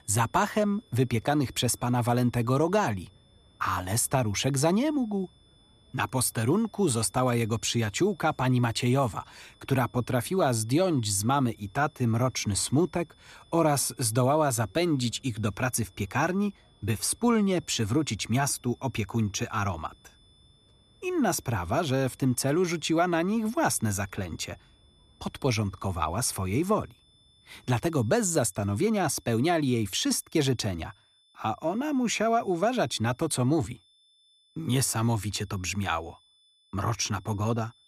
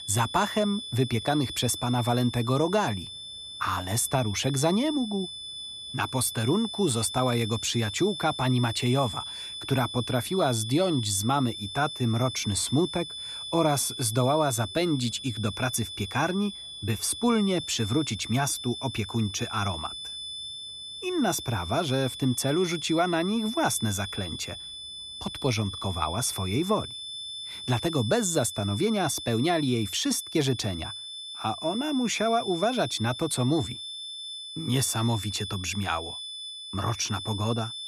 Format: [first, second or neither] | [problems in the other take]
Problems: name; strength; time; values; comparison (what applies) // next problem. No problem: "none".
first | high-pitched whine; loud; throughout; 3.5 kHz, 8 dB below the speech; faint in the first